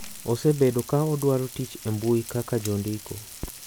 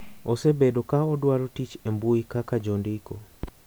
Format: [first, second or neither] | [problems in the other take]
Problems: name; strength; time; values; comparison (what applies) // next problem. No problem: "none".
second | background sound (Frying (food)); 16 dB below the speech